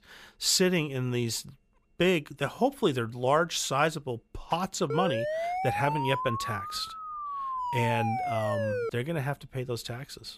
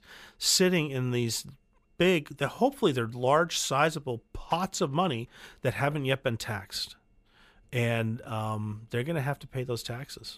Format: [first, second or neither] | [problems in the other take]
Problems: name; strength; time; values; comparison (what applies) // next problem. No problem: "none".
second | siren; noticeable; from 5 to 9 s; peak 1 dB below the speech